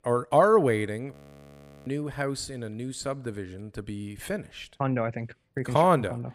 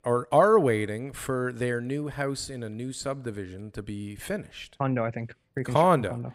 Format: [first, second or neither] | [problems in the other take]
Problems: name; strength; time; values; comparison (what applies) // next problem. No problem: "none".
second | audio freezing; at 1 s for 0.5 s